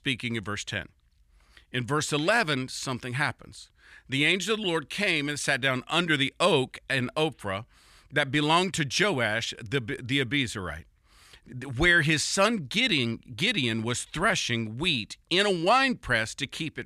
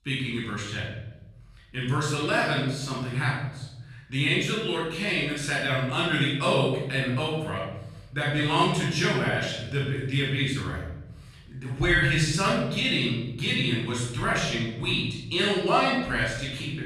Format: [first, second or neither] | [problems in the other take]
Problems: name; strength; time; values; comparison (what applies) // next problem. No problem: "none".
first | off-mic speech; far // room echo; noticeable; dies away in 1.2 s